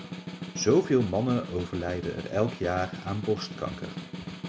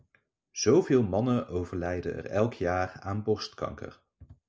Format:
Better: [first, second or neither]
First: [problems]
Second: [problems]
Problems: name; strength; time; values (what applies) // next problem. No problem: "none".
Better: second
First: background sound (Snare drum); 9 dB below the speech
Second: none